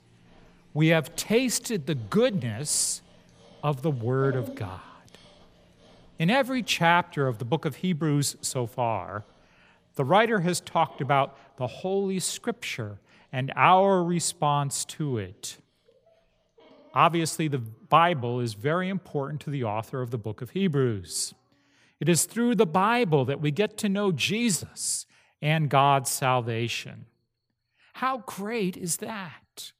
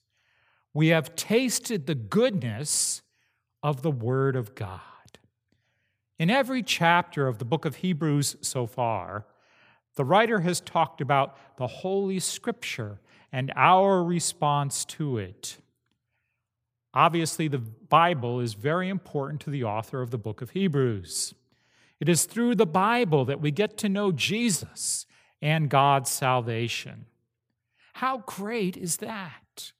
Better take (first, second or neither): second